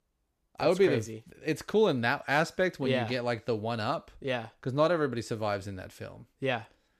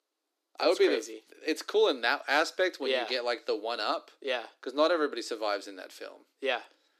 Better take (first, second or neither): first